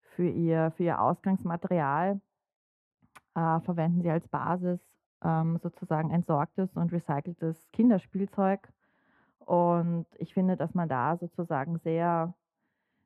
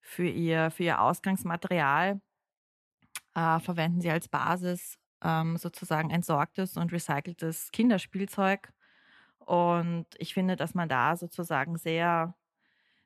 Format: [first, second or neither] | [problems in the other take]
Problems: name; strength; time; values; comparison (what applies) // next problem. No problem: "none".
second | muffled; very; fading above 2 kHz